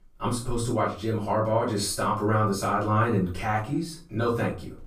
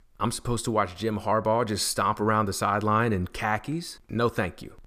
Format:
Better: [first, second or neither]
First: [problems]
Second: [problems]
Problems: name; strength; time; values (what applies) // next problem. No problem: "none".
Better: second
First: off-mic speech; far // room echo; slight; dies away in 0.3 s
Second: none